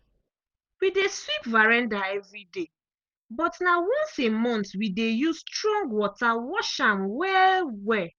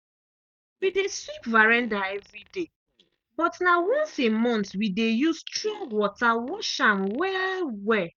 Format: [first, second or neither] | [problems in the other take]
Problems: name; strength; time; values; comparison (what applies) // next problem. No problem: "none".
first | noise reduction (neural mask model DeepFilterNet 3)